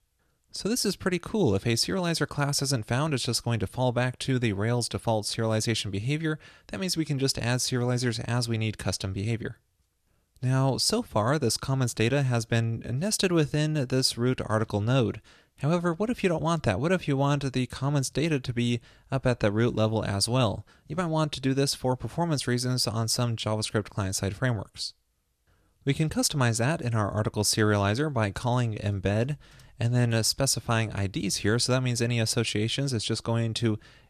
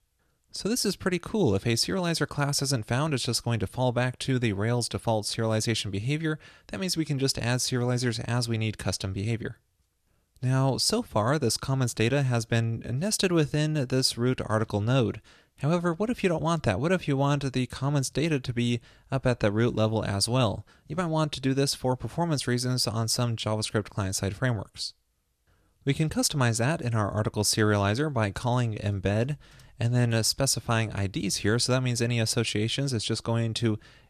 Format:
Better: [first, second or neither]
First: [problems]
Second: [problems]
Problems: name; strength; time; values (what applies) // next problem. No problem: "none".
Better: neither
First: none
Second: none